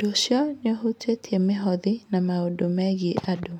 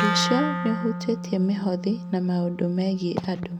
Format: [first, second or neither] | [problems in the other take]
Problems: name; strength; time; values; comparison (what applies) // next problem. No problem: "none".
first | background sound (Wind instrument, woodwind instrument); 5 dB below the speech